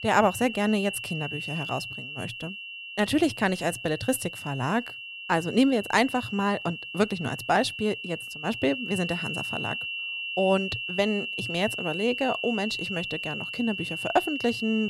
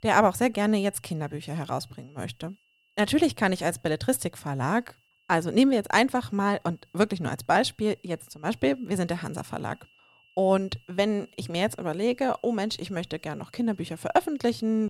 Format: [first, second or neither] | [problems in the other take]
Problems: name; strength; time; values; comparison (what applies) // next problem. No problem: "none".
second | high-pitched whine; loud; throughout; 2.5 kHz, 5 dB below the speech; faint in the second